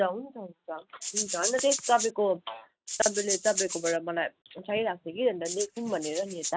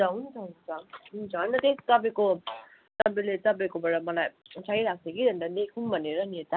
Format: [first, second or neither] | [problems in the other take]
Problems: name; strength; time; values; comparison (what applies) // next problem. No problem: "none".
second | noise reduction (neural mask model RNNoise)